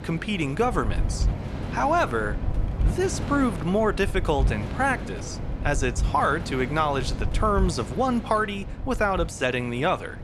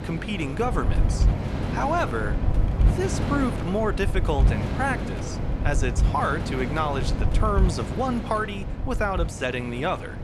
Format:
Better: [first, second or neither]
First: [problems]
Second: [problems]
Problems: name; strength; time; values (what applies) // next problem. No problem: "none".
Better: first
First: wind noise on the microphone; occasional gusts; 15 dB below the speech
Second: wind noise on the microphone; heavy; 8 dB below the speech